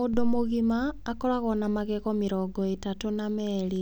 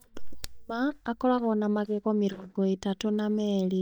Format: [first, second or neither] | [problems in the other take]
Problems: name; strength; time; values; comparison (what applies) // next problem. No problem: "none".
first | noise reduction (neural mask model DeepFilterNet 3)